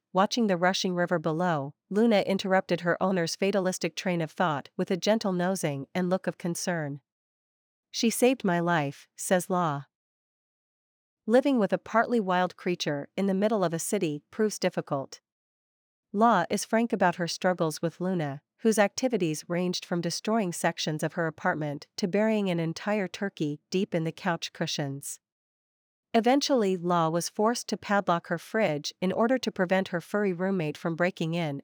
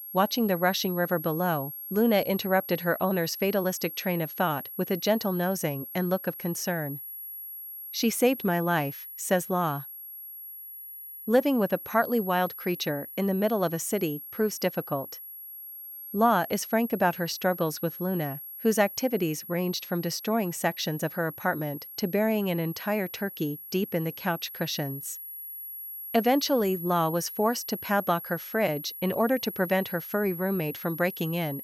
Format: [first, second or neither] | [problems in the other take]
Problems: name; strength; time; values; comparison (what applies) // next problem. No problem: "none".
first | high-pitched whine; loud; throughout; 11.5 kHz, 10 dB below the speech